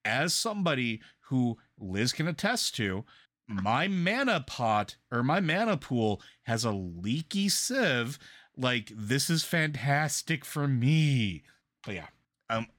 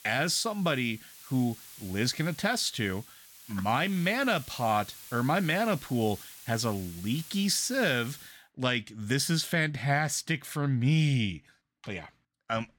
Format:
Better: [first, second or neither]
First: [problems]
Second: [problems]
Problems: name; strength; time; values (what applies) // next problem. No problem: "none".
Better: first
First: none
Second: hiss; noticeable; until 8.5 s; 15 dB below the speech